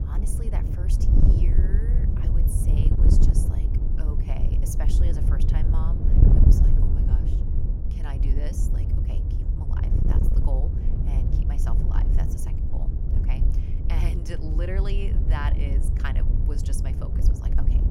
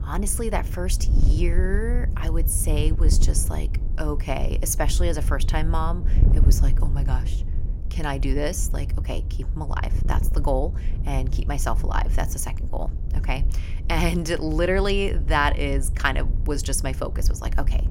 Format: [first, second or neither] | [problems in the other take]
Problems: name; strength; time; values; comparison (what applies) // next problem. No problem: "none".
second | wind noise on the microphone; heavy; 1 dB above the speech; occasional gusts in the second